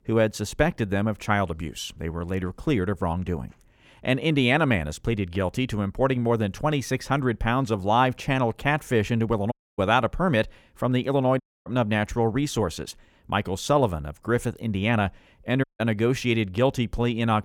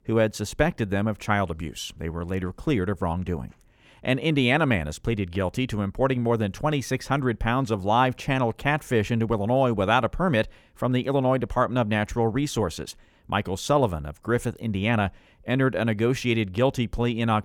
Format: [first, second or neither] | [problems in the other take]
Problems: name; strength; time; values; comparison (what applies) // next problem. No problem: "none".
second | audio cutting out; at 9.5 s, at 11 s and at 16 s